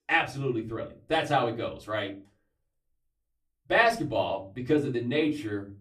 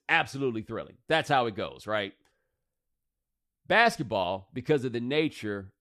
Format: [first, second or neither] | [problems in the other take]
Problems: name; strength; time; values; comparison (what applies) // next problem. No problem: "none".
second | off-mic speech; far // room echo; very slight; dies away in 0.3 s